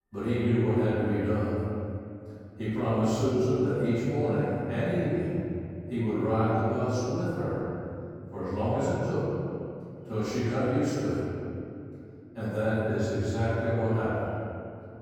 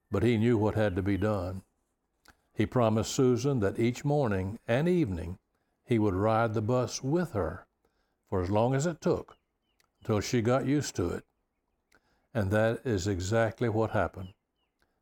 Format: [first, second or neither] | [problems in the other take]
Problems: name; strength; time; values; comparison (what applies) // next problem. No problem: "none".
second | off-mic speech; far // room echo; strong; dies away in 2.5 s